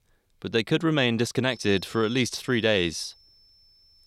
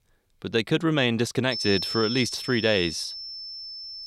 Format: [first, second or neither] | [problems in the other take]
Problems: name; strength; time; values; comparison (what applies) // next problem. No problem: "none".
first | high-pitched whine; loud; from 1.5 s on; 5.5 kHz, 7 dB below the speech; faint in the first